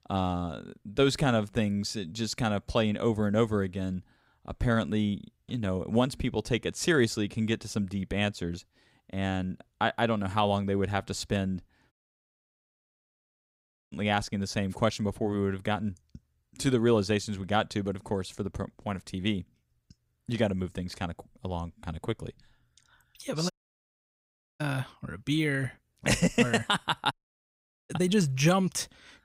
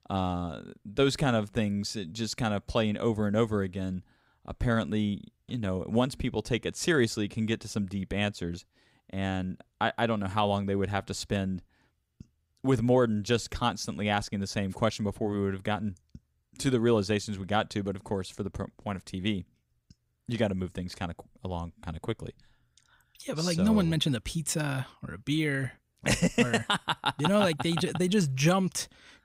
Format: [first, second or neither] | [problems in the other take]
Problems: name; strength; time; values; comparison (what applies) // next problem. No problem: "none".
second | audio cutting out; at 12 s for 2 s, at 24 s for 1 s and at 27 s for 1 s